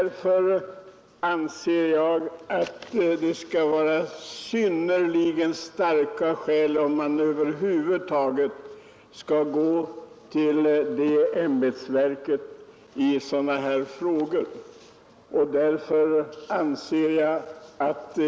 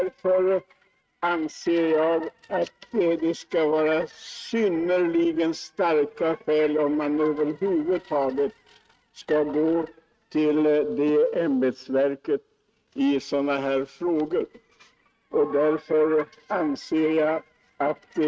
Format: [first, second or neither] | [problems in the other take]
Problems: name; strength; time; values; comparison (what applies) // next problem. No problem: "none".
first | noise reduction (neural mask model RNNoise)